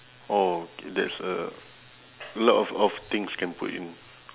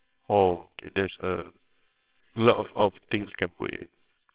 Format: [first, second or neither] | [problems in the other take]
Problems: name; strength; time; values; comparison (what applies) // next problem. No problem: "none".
first | noise reduction (neural separator model SepFormer WHAMR!)